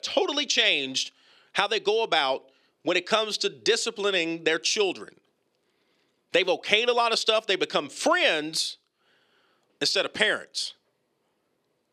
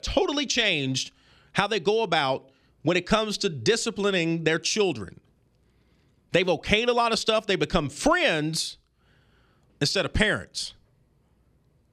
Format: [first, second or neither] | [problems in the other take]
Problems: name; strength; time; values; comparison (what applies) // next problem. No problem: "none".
second | thin; somewhat; fading below 400 Hz